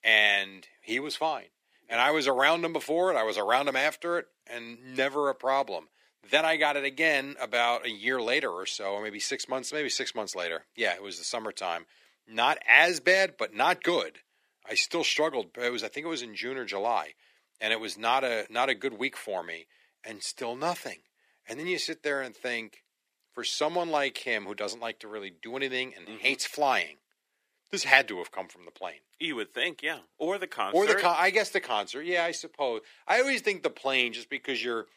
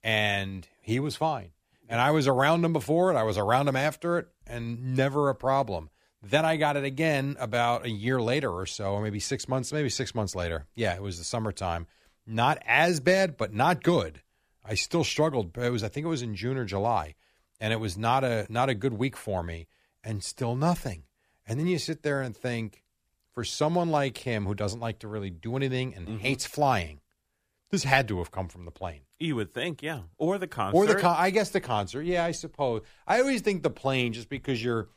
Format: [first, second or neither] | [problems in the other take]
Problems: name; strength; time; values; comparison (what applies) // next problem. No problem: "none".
second | thin; somewhat; fading below 300 Hz